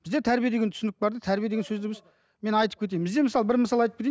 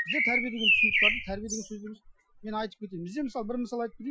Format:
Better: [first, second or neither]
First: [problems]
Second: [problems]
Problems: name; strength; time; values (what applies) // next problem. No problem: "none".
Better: first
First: none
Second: noise reduction (classical method Wiener filter)